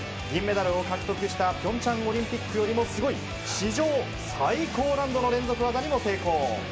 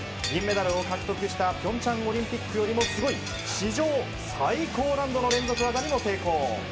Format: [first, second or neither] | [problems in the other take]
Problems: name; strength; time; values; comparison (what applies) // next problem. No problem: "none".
first | background sound (Shatter); 12 dB below the speech